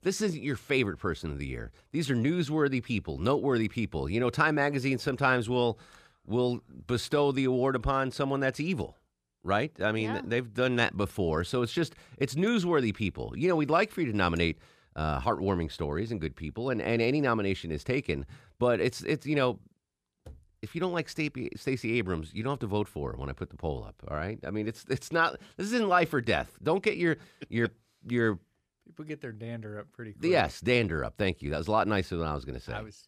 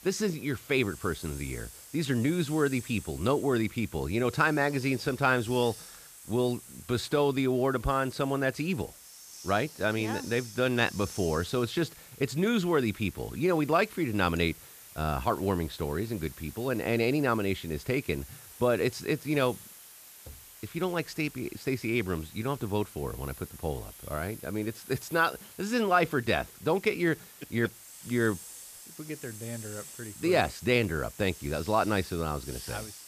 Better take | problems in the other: first | hiss; noticeable; throughout; 15 dB below the speech

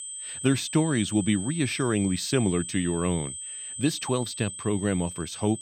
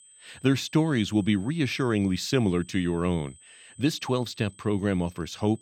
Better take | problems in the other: second | high-pitched whine; loud; throughout; 8.5 kHz, 8 dB below the speech; faint in the second

